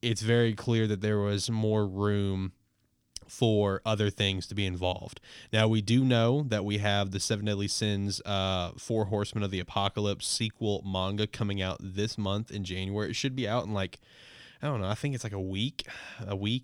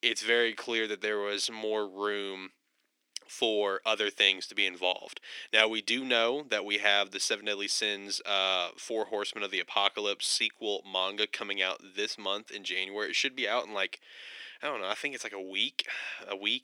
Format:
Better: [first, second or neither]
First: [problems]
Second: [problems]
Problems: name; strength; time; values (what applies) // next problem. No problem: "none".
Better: first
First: none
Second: thin; very; fading below 350 Hz